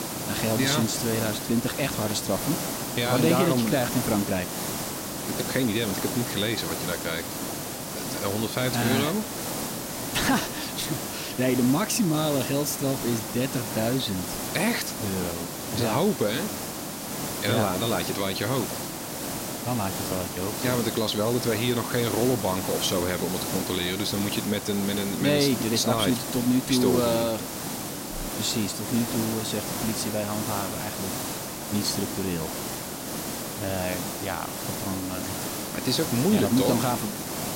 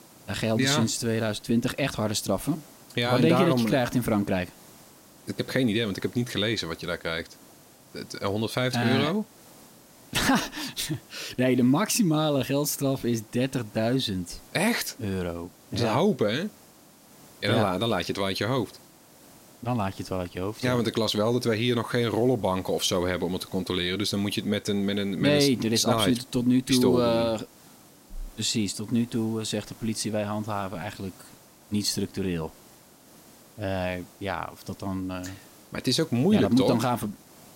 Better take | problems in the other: second | hiss; loud; throughout; 4 dB below the speech; faint in the second

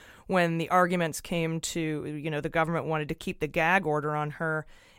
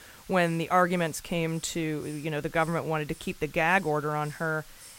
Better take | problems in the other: first | hiss; faint; throughout; 20 dB below the speech

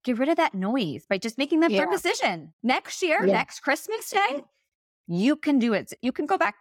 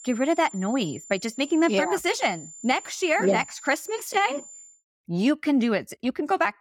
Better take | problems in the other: first | high-pitched whine; noticeable; until 4.5 s; 7 kHz, 15 dB below the speech

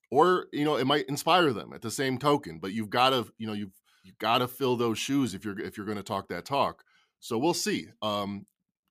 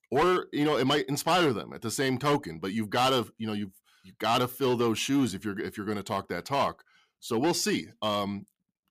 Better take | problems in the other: first | distortion; slight; 6% of the sound clipped

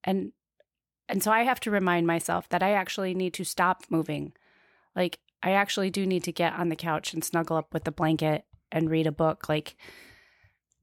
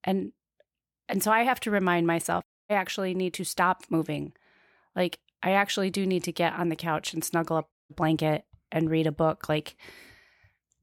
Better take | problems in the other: first | audio cutting out; at 2.5 s and at 7.5 s

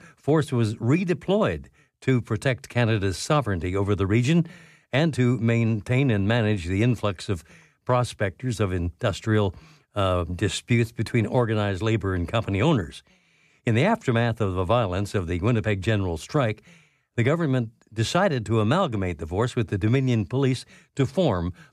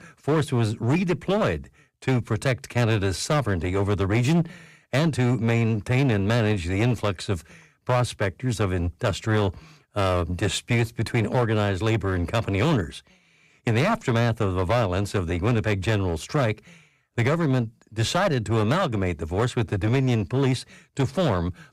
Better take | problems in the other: first | distortion; slight; 13% of the sound clipped

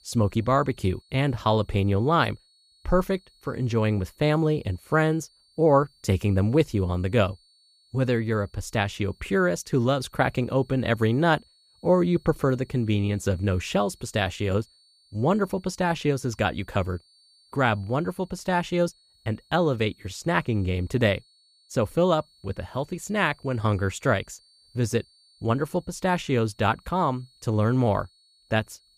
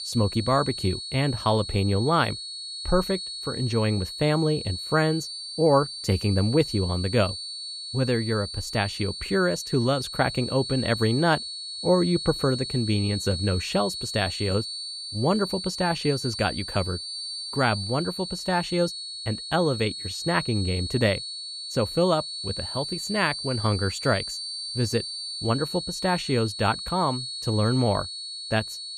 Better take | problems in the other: first | high-pitched whine; loud; throughout; 4.5 kHz, 6 dB below the speech; faint in the first

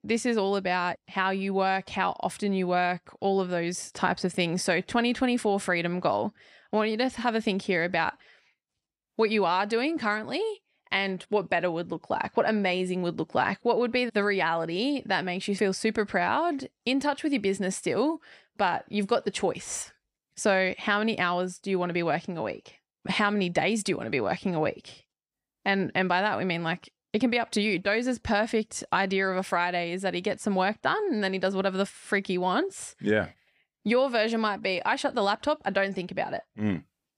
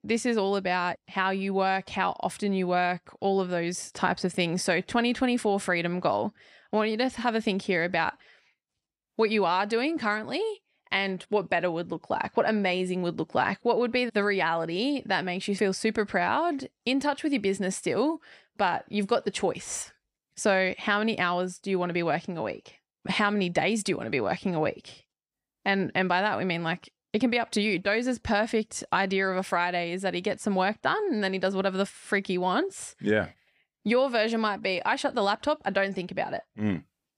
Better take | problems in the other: neither | none

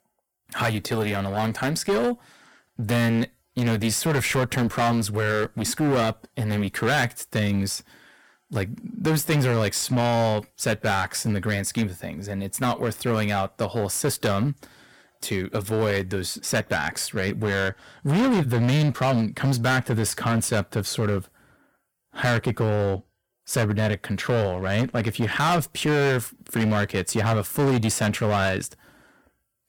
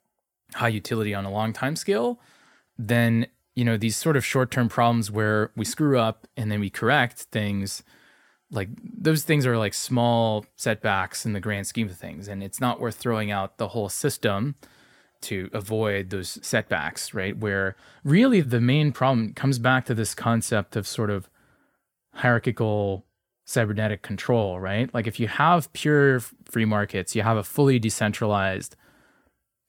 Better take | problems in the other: second | distortion; heavy; 15% of the sound clipped

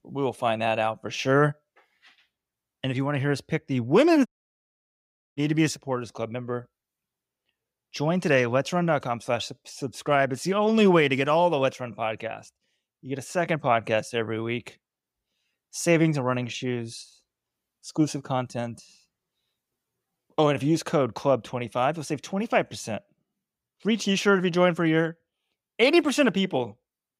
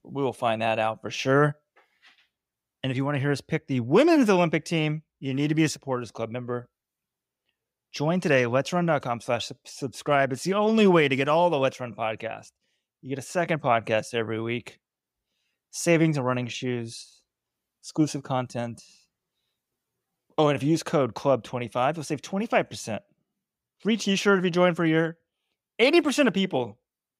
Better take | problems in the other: second | audio cutting out; at 4.5 s for 1 s

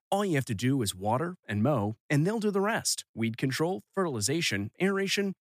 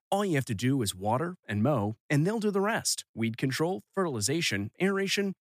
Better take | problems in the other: neither | none

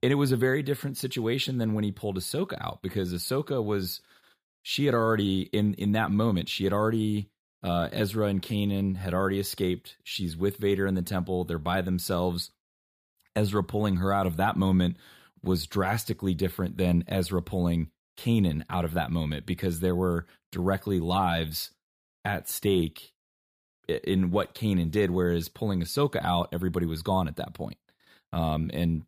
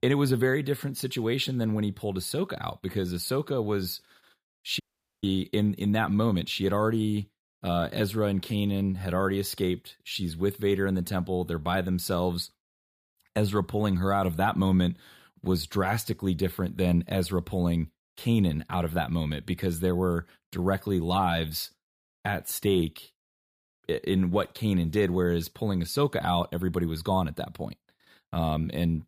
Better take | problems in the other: first | audio cutting out; at 5 s

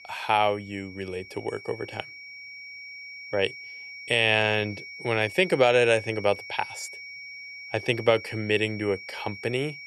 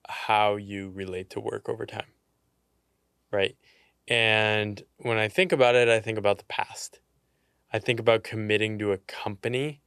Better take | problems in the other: second | high-pitched whine; noticeable; throughout; 2.5 kHz, 15 dB below the speech

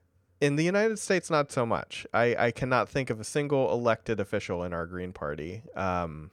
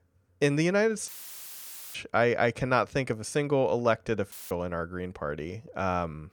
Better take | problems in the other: first | audio cutting out; filled with static; at 1 s for 1 s and at 4.5 s

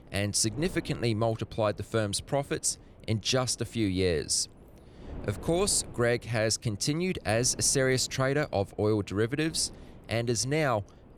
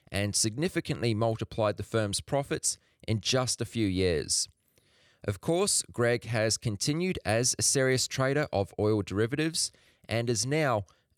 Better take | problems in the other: second | wind noise on the microphone; occasional gusts; 25 dB below the speech

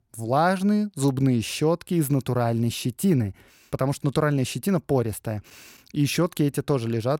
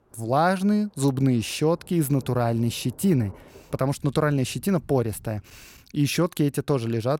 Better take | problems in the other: first | rain or running water; faint; until 5.5 s; 25 dB below the speech

